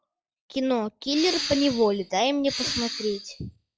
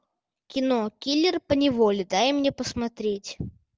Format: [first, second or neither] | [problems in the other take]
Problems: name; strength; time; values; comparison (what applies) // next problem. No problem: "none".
second | noise reduction (classical method log-MMSE)